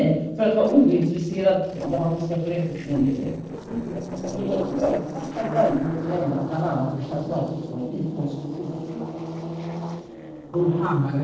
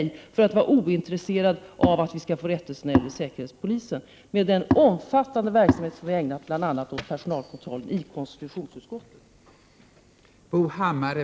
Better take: second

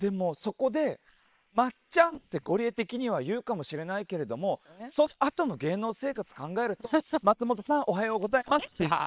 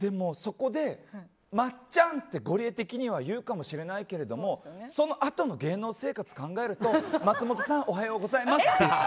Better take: second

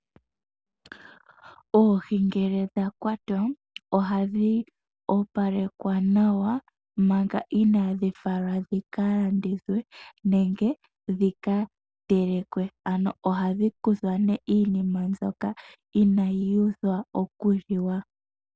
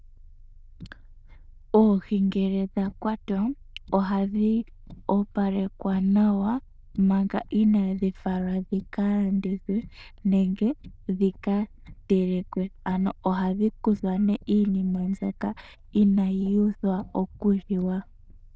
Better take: first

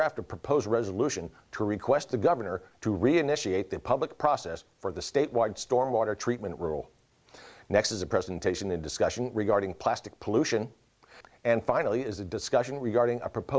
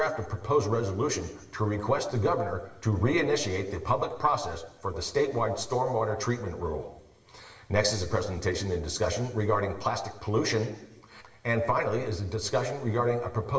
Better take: first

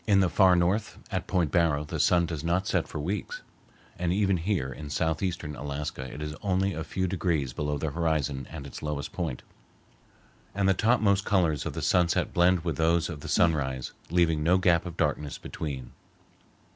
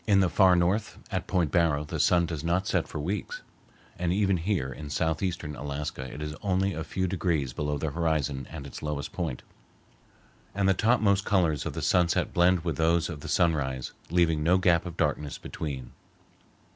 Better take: second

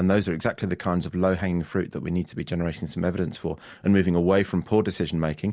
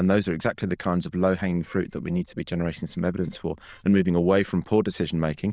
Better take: first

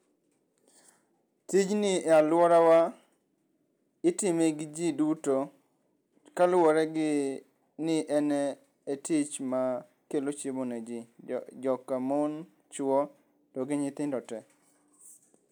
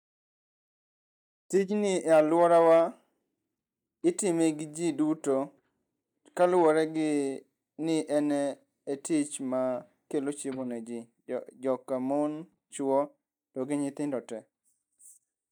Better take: first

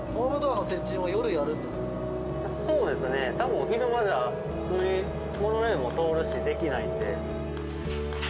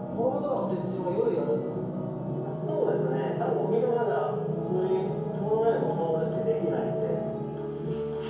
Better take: first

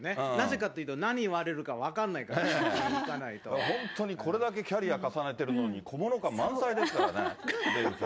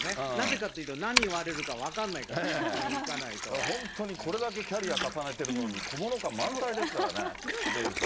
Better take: first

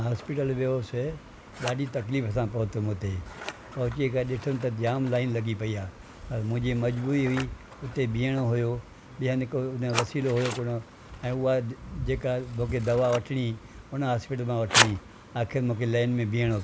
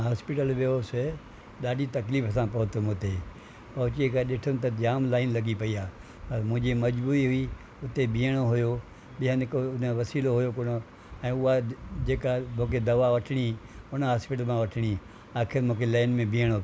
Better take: second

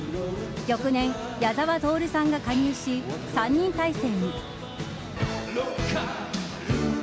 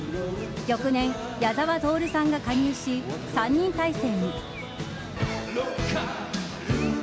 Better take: first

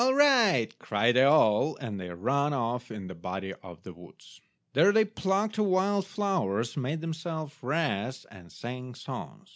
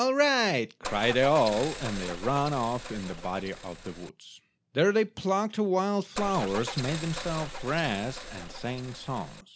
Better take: first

